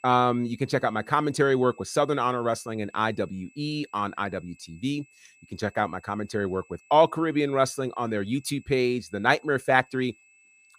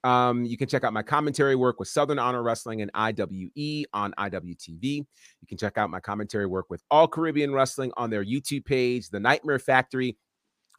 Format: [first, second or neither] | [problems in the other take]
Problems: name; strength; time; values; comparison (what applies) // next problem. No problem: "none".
second | high-pitched whine; faint; throughout; 2.5 kHz, 30 dB below the speech